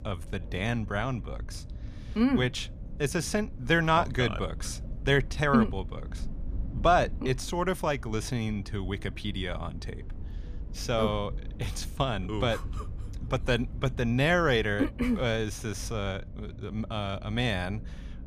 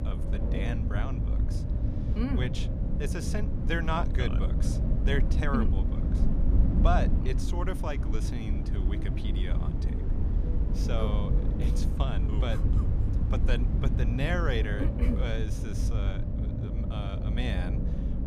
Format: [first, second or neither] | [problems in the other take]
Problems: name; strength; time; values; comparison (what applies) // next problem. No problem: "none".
first | low rumble; loud; throughout; 5 dB below the speech; faint in the first